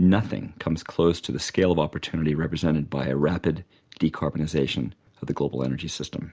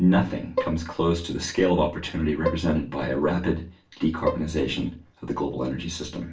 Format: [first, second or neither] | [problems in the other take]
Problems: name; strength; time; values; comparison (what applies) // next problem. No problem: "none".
first | background sound (Bowed string instrument); 10 dB below the speech // room echo; dies away in 0.3 s